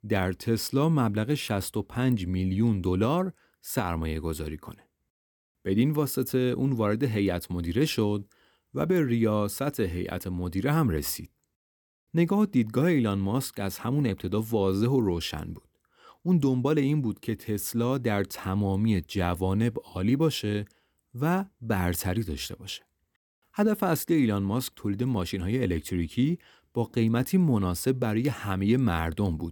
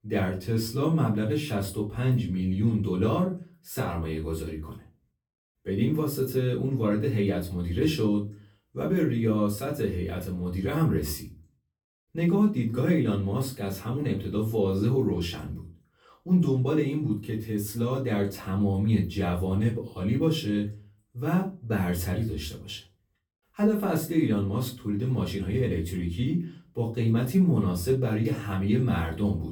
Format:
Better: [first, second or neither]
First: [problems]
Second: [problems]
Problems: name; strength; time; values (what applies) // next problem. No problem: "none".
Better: first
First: none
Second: off-mic speech; far // room echo; slight; dies away in 0.3 s